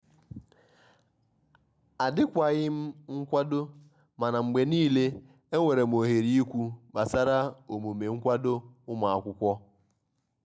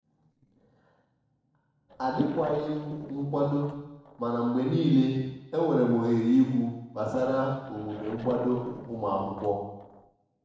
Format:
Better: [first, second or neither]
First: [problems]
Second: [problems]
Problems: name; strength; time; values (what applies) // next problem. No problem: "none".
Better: first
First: none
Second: noise reduction (neural separator model SepFormer DNS4)